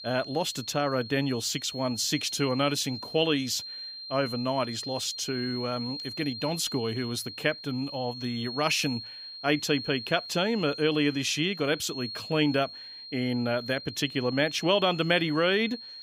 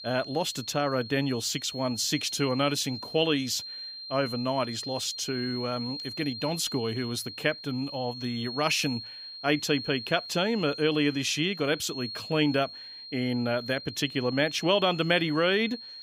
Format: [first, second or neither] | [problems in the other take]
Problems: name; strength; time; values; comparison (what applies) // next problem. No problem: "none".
neither | high-pitched whine; loud; throughout; 4 kHz, 10 dB below the speech; the same in both